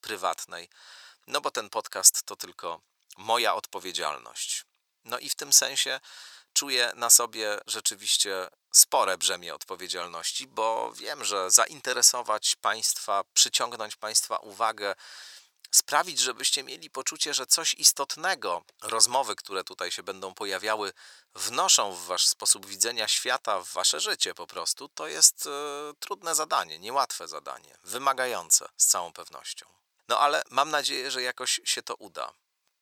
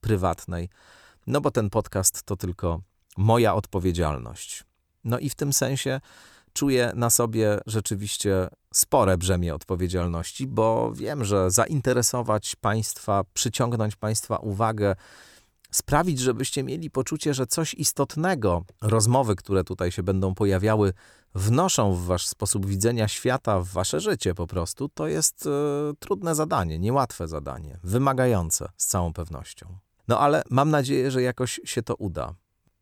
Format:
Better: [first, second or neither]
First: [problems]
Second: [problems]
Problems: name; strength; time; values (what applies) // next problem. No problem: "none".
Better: second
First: thin; very; fading below 850 Hz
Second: none